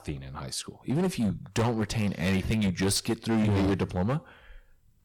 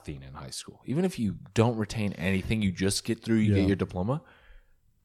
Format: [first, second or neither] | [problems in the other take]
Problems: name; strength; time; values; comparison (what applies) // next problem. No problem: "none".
second | distortion; heavy; 13% of the sound clipped